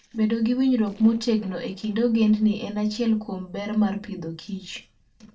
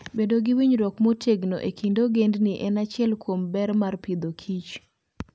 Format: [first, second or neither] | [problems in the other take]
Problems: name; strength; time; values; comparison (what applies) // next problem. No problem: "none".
second | noise reduction (neural separator model SepFormer DNS4)